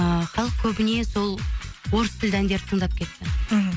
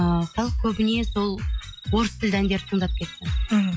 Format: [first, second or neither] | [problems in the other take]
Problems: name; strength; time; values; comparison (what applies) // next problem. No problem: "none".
first | noise reduction (classical method log-MMSE)